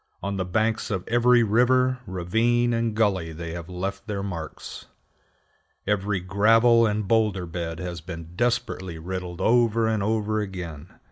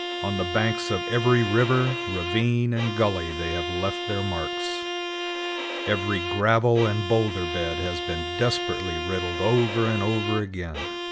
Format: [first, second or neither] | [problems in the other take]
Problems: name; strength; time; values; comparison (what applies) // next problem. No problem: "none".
first | background sound (Bowed string instrument); 5 dB below the speech